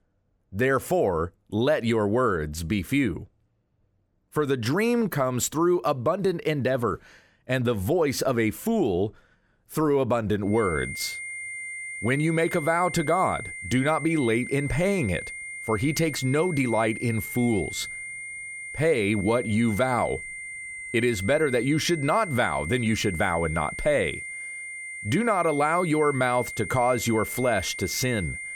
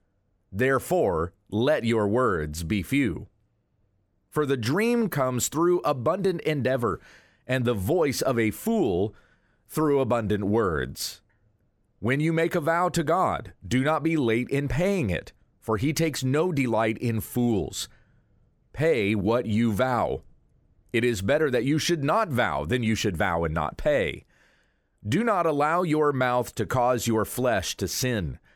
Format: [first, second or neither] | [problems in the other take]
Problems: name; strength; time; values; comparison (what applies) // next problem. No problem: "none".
second | high-pitched whine; loud; from 11 s on; 2 kHz, 9 dB below the speech